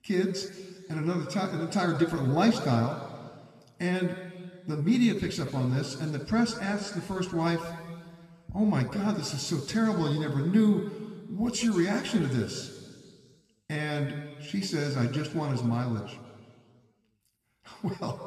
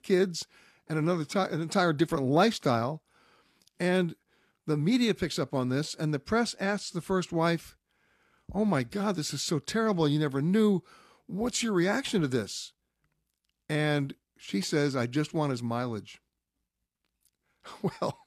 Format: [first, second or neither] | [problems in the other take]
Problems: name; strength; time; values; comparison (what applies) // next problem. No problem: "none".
second | room echo; noticeable; dies away in 1.7 s // off-mic speech; somewhat distant